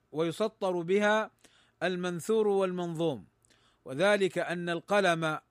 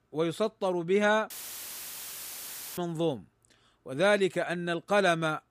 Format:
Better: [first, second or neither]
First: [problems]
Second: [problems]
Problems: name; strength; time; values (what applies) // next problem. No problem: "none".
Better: first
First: none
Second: audio cutting out; filled with static; at 1.5 s for 1.5 s